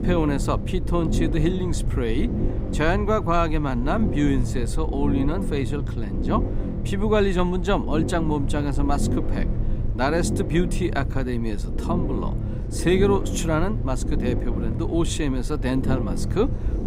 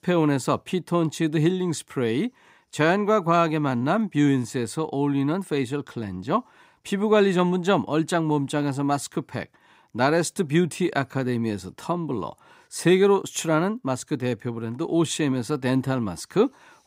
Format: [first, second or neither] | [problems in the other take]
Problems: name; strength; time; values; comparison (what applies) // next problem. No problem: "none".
second | low rumble; loud; throughout; 9 dB below the speech